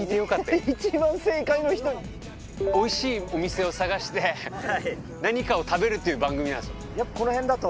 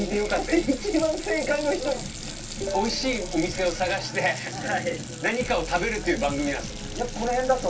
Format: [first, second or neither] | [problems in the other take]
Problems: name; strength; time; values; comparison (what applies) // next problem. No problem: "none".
first | background sound (Water tap, faucet); 13 dB below the speech // room echo; dies away in 0.2 s